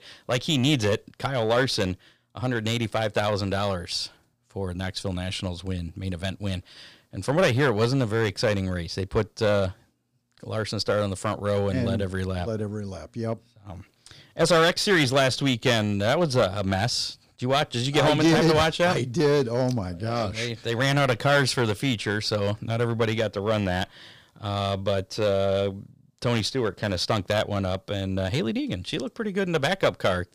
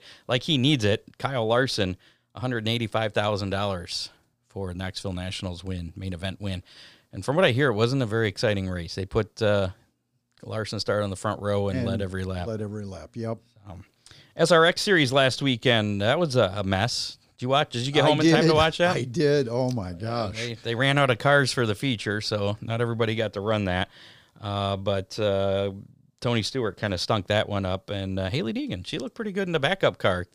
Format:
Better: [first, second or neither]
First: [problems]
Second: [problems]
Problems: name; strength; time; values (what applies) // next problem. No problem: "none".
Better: second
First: distortion; slight; 4% of the sound clipped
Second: none